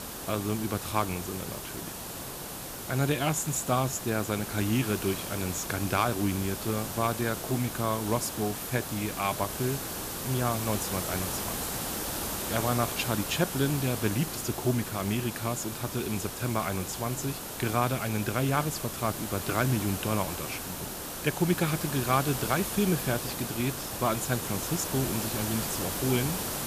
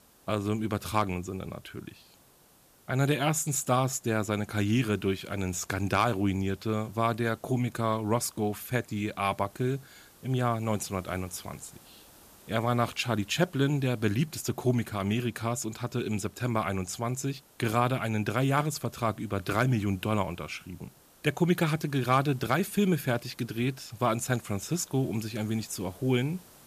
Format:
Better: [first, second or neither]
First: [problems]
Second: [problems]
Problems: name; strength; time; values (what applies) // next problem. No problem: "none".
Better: second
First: hiss; loud; throughout; 4 dB below the speech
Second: hiss; faint; throughout; 25 dB below the speech